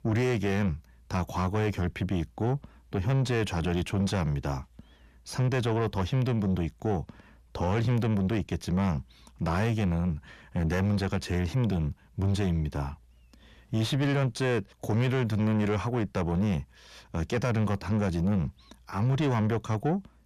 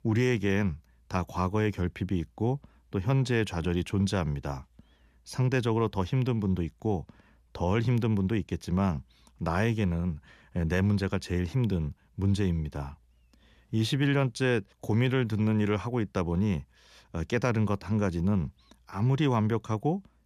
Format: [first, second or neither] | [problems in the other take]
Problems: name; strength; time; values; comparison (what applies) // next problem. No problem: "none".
second | distortion; slight; 10 dB below the speech